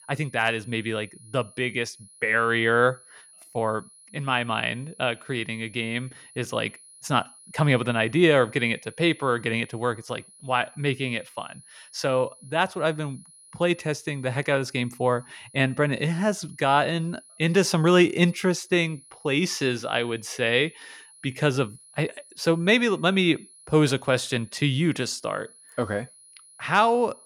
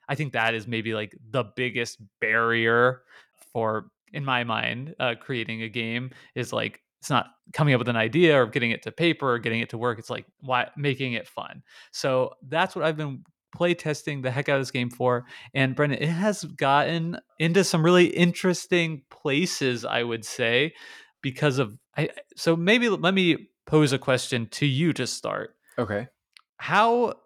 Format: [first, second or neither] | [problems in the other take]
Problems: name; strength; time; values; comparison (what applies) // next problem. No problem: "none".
second | high-pitched whine; faint; throughout; 10.5 kHz, 25 dB below the speech